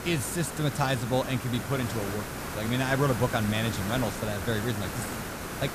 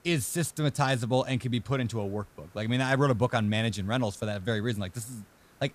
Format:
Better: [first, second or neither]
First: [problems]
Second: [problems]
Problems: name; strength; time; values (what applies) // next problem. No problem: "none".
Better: second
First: hiss; loud; throughout; 5 dB below the speech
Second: hiss; faint; throughout; 30 dB below the speech